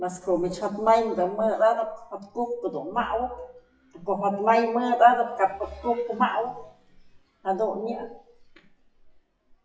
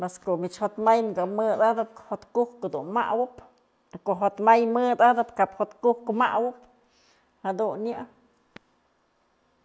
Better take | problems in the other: second | noise reduction (classical method WPE with log-MMSE)

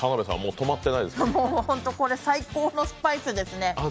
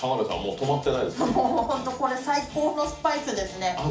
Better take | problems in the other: first | room echo; dies away in 0.4 s

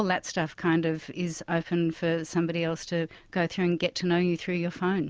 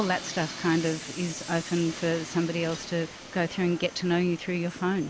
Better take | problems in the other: first | background sound (Train); 13 dB below the speech

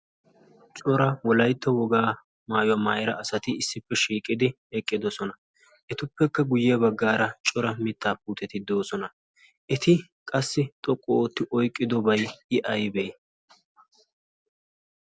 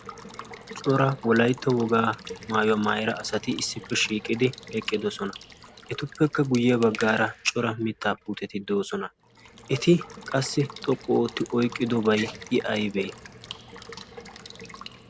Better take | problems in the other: first | background sound (Water tap, faucet / Water / Liquid); 17 dB below the speech

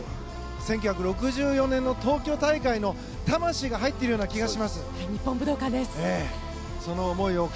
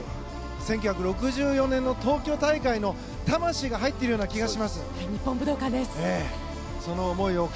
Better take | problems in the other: first | background sound (Bowed string instrument); 19 dB below the speech

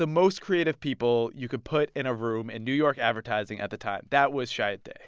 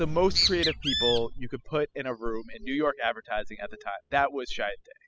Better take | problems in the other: first | noise reduction (classical method spectral subtraction)

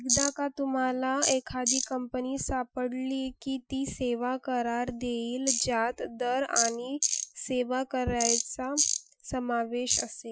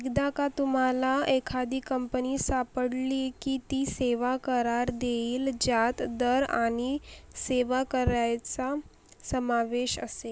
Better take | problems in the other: second | noise reduction (classical method Wiener filter)

